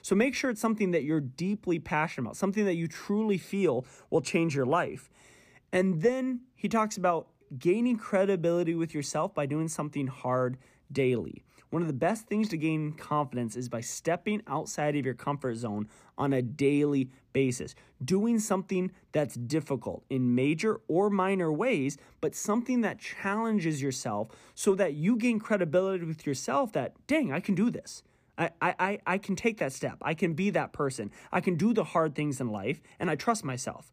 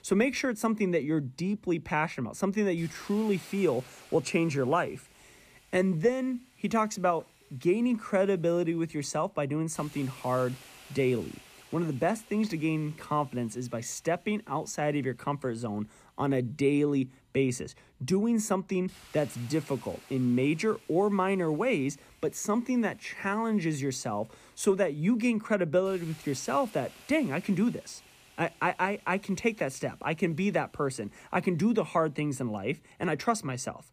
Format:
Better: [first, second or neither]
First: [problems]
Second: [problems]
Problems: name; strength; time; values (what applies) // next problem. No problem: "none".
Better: first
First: none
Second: hiss; faint; throughout; 25 dB below the speech